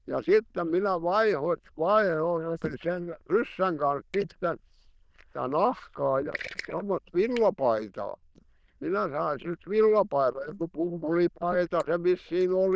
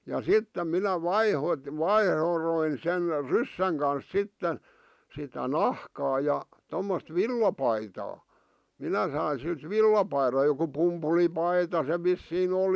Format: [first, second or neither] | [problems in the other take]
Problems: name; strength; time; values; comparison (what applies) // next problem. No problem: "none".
second | noise reduction (neural diffusion model UNIVERSE++)